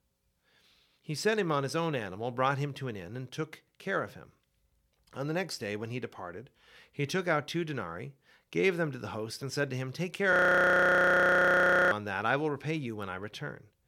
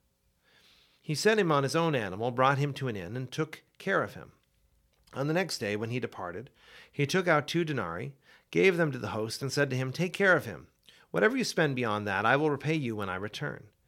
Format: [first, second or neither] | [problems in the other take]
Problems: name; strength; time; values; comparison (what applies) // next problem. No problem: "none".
second | audio freezing; at 10 s for 1.5 s